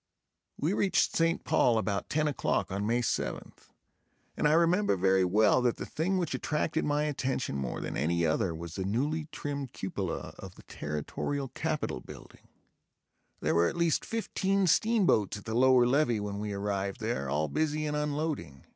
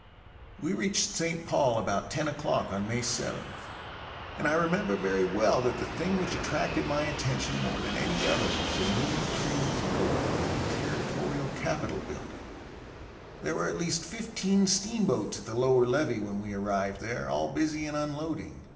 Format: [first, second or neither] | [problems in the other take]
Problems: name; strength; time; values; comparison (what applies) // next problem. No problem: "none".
first | background sound (Fixed-wing aircraft, airplane); 6 dB below the speech // room echo; dies away in 1.3 s